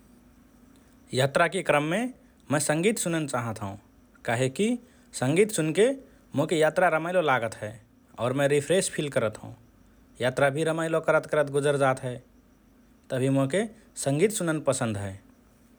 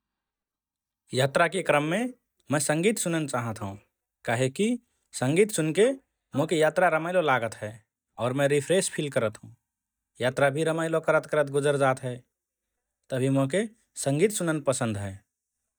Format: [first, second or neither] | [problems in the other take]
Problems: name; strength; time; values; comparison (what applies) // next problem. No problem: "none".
first | noise reduction (neural mask model DeepFilterNet 3)